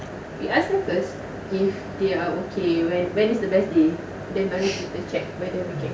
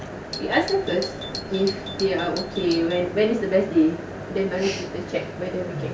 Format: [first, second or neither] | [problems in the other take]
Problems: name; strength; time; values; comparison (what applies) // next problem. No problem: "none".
first | background sound (Doorbell); 13 dB below the speech